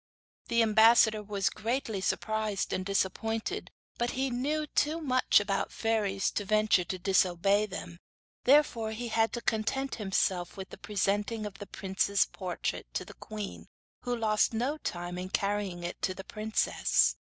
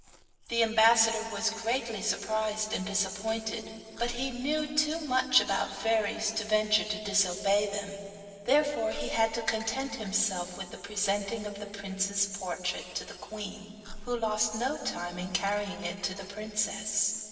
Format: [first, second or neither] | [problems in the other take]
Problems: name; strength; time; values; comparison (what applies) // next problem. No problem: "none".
first | background sound (Chewing, mastication); 20 dB below the speech // room echo; dies away in 2.6 s